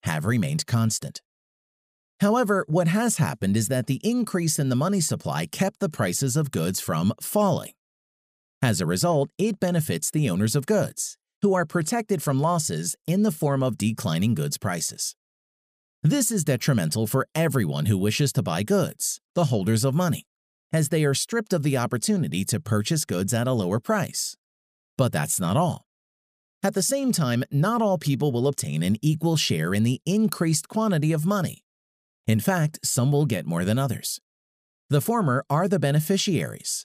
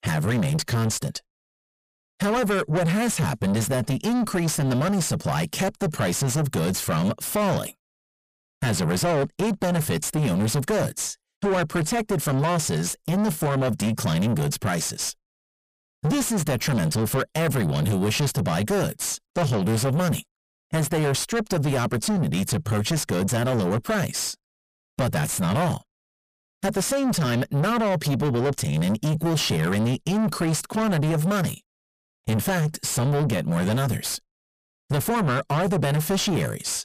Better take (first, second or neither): first